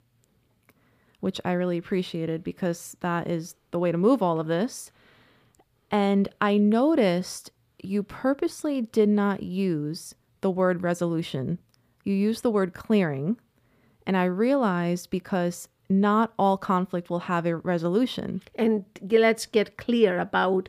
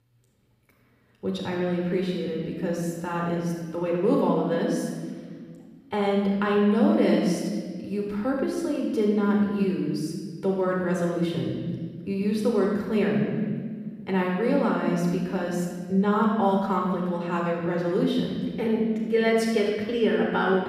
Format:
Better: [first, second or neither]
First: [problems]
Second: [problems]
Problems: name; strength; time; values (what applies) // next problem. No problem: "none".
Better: first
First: none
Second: off-mic speech; far // room echo; noticeable; dies away in 1.6 s